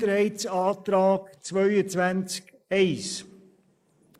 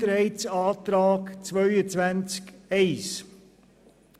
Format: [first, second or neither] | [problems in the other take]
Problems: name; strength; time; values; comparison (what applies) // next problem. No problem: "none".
second | noise reduction (neural mask model Resemble Enhance denoiser)